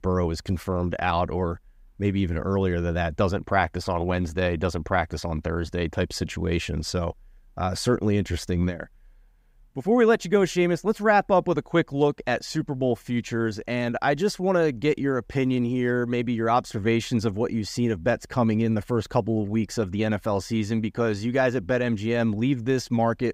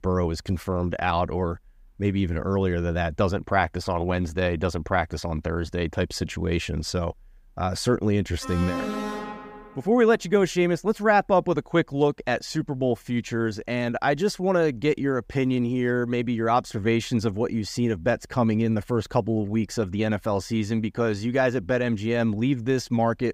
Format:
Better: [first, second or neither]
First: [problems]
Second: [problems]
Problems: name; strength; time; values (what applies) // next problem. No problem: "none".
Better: first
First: none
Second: alarm; noticeable; from 8.5 to 9.5 s; peak 4 dB below the speech